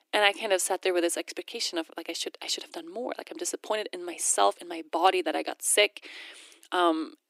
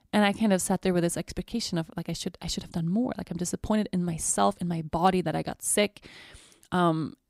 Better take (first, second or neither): second